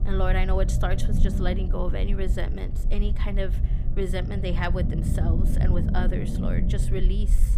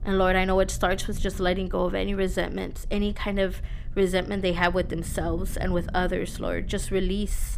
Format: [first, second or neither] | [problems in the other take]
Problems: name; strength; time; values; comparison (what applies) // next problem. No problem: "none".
second | low rumble; loud; throughout; 6 dB below the speech; faint in the second